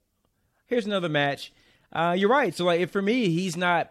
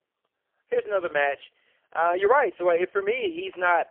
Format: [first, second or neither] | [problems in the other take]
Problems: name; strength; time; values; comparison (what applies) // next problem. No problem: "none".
first | phone-call audio; poor line; nothing above 3 kHz